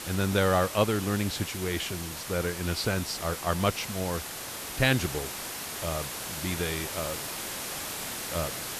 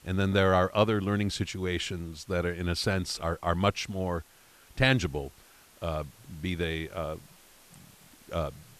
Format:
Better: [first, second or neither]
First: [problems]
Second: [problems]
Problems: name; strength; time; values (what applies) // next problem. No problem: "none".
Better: second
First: hiss; loud; throughout; 5 dB below the speech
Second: hiss; faint; throughout; 25 dB below the speech